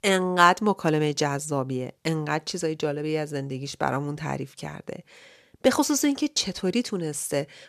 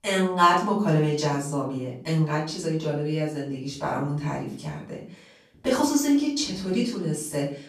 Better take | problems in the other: first | room echo; noticeable; dies away in 0.4 s // off-mic speech; far

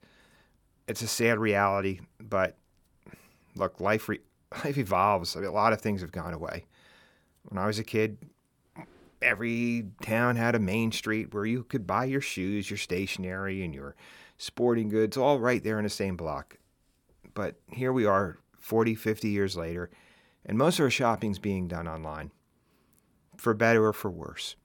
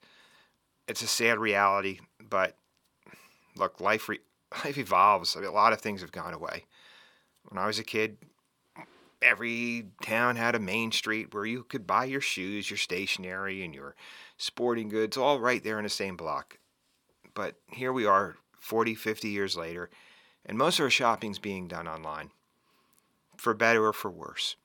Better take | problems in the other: first | thin; very slightly; fading below 300 Hz

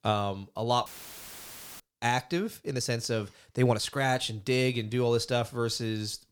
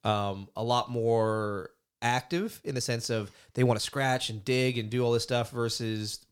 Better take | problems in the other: second | audio cutting out; filled with static; at 1 s for 1 s

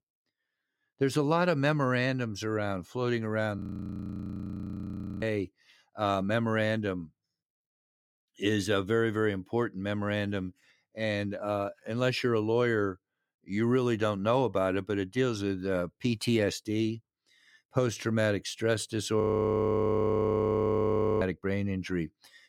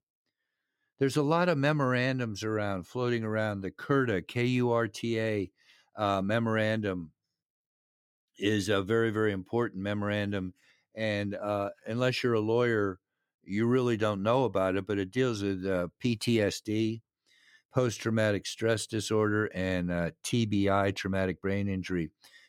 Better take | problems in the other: second | audio freezing; at 3.5 s for 1.5 s and at 19 s for 2 s

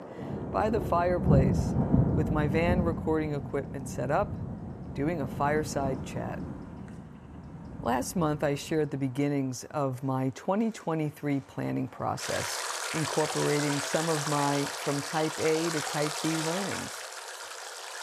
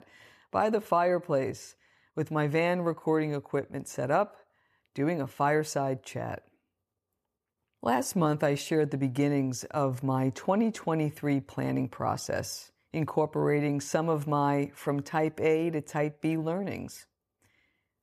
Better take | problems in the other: second | rain or running water; loud; throughout; 2 dB below the speech

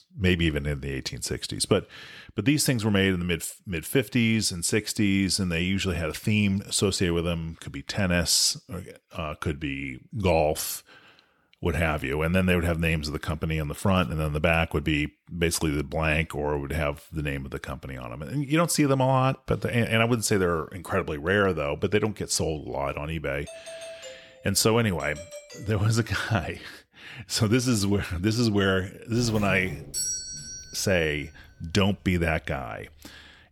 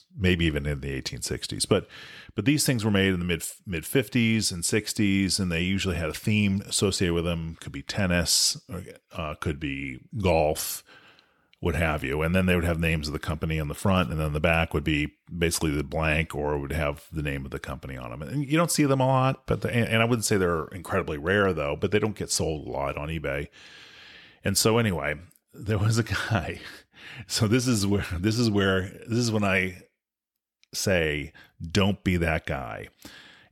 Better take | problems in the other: second | doorbell; faint; from 23 to 26 s; peak 15 dB below the speech // doorbell; noticeable; from 29 to 31 s; peak 2 dB below the speech

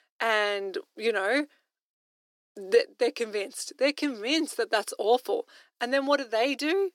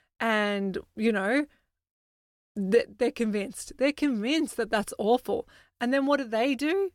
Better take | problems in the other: second | thin; very slightly; fading below 300 Hz

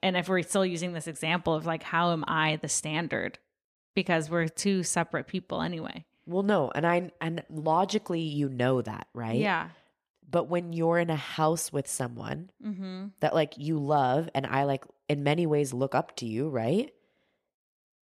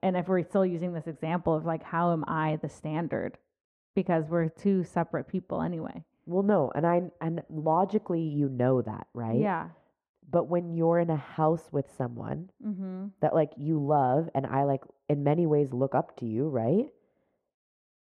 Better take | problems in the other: first | muffled; very; fading above 2.5 kHz

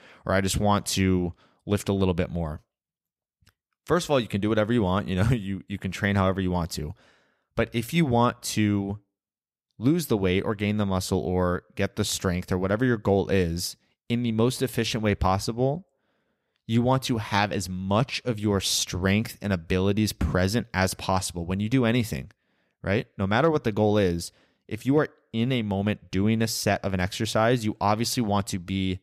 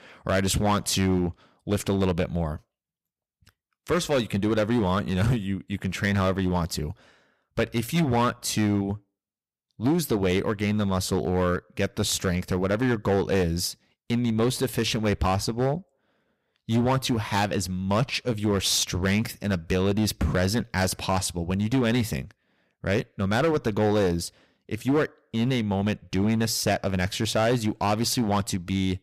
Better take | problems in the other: first | distortion; slight; 7% of the sound clipped

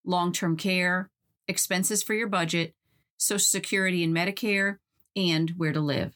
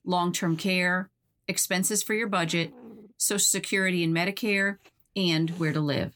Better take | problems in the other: first | hiss; faint; throughout; 25 dB below the speech

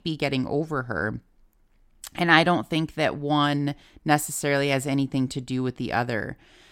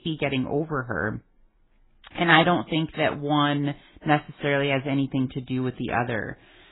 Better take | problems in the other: first | garbled, watery; badly; nothing above 4 kHz

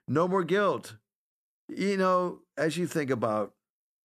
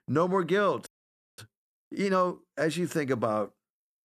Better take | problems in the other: first | audio freezing; at 1 s for 0.5 s

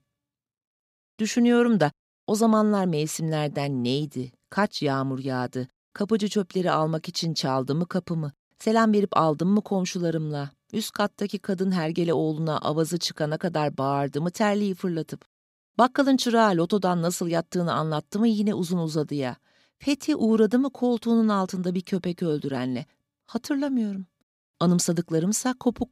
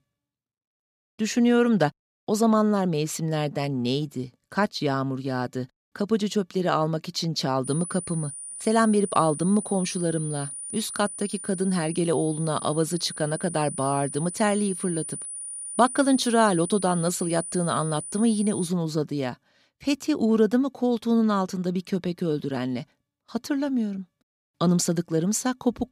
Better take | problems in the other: first | high-pitched whine; loud; from 7.5 to 19 s; 9.5 kHz, 8 dB below the speech

